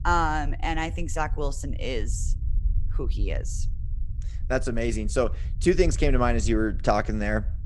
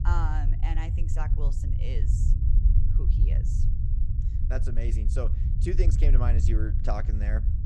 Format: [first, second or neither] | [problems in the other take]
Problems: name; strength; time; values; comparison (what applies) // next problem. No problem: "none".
first | low rumble; loud; throughout; 6 dB below the speech; faint in the first